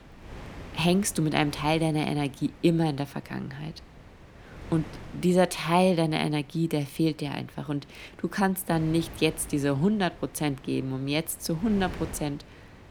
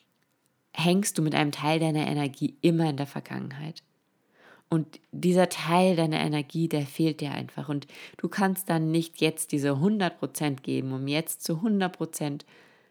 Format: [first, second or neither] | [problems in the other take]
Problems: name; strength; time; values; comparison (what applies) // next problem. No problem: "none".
second | wind noise on the microphone; occasional gusts; 20 dB below the speech